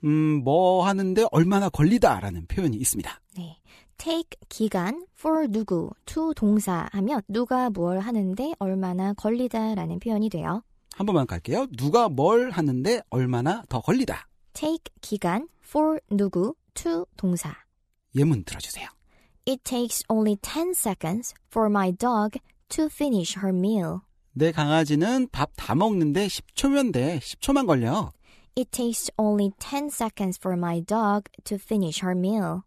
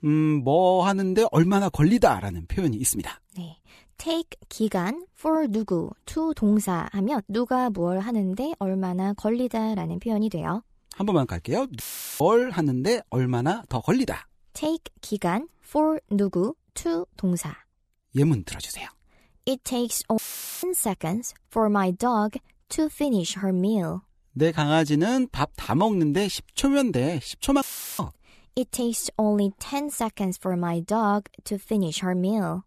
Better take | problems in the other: first | audio cutting out; filled with static; at 12 s, at 20 s and at 28 s

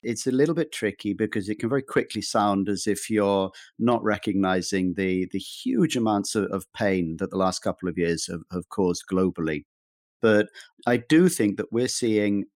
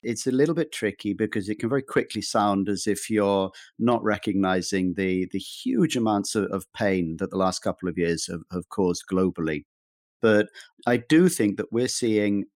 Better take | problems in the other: neither | none

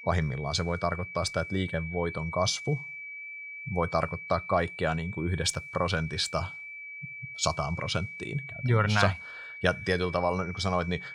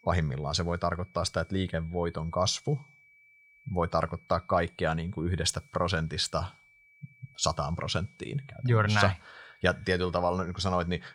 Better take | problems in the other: second | high-pitched whine; loud; throughout; 2.5 kHz, 10 dB below the speech; faint in the second

